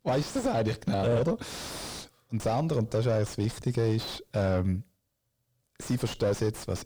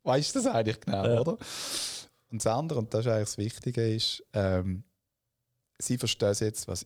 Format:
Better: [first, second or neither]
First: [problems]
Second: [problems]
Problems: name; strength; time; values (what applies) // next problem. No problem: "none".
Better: second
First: distortion; heavy; 6 dB below the speech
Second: none